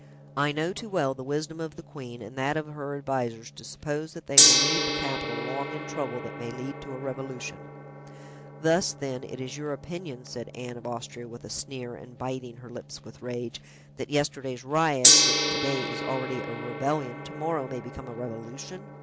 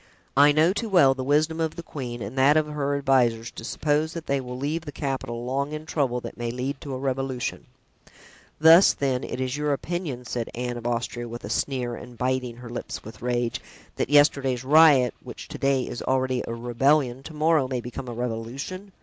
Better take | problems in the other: second | background sound (Gong); 2 dB above the speech

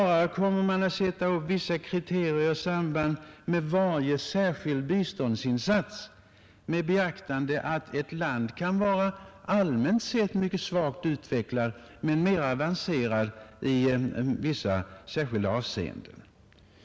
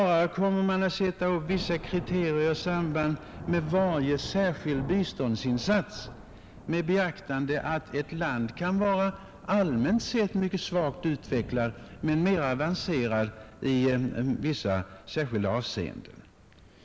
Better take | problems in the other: first | background sound (Thunder / Rain); 16 dB below the speech

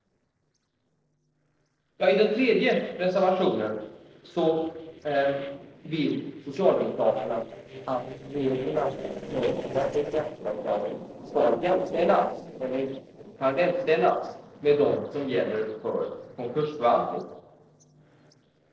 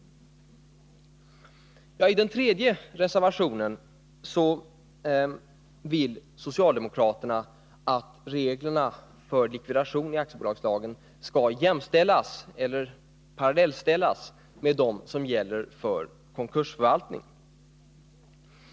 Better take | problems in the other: second | noise reduction (neural separator model SepFormer DNS4)

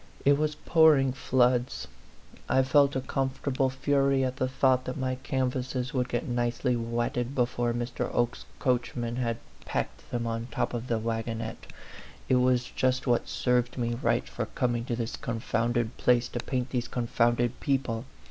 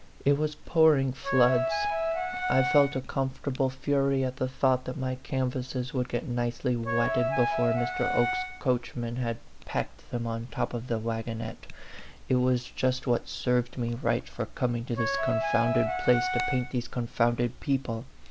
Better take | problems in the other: first | background sound (Wind instrument, woodwind instrument); 1 dB below the speech

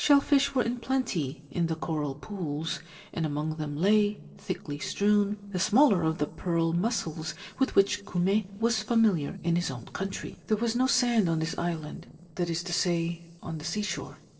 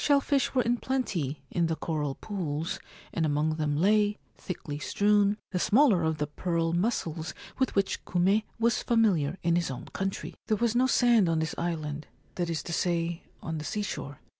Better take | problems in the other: second | noise reduction (neural separator model SepFormer DNS4)

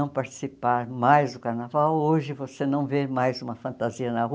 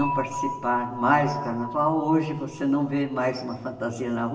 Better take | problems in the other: first | background sound (Dishes, pots, and pans / Chink, clink); 10 dB below the speech // room echo; dies away in 1.1 s

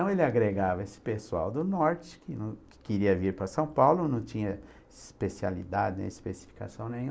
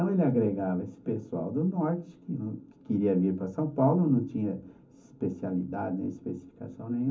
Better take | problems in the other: first | room echo; dies away in 0.3 s

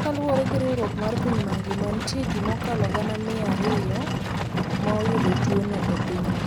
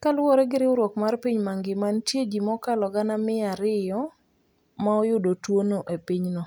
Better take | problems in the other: second | background sound (Livestock, farm animals, working animals); 3 dB above the speech

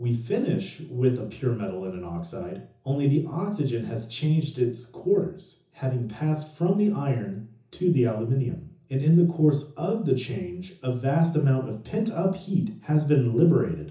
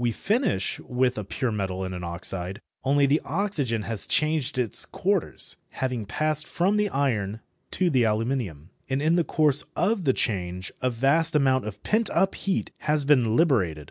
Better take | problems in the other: second | room echo; dies away in 0.6 s

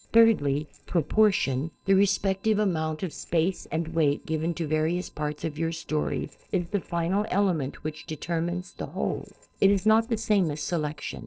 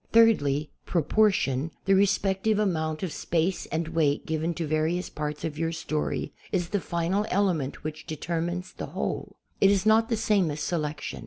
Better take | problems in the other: second | noise reduction (neural separator model SepFormer DNS4)

